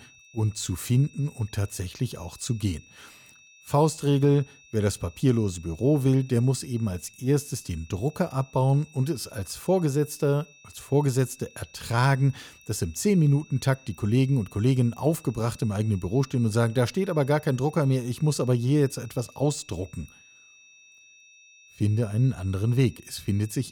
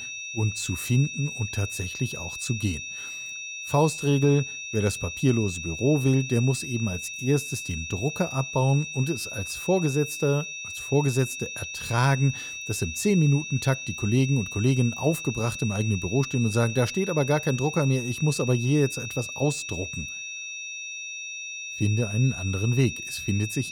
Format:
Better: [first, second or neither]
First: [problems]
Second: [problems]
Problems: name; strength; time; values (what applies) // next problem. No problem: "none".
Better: first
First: high-pitched whine; faint; throughout; 2.5 kHz, 25 dB below the speech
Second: high-pitched whine; loud; throughout; 2.5 kHz, 7 dB below the speech